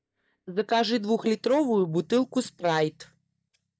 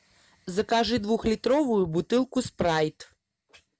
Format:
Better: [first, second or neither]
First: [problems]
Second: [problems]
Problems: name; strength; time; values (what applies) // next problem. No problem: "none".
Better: second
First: noise reduction (neural mask model DeepFilterNet 3)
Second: none